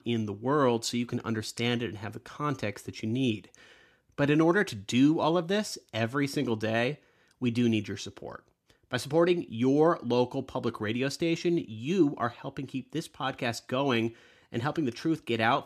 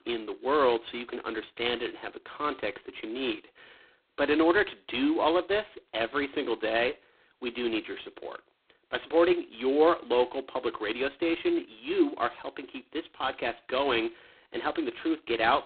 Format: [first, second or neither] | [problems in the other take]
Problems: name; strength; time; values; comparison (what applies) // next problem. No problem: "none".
first | phone-call audio; poor line; nothing above 4 kHz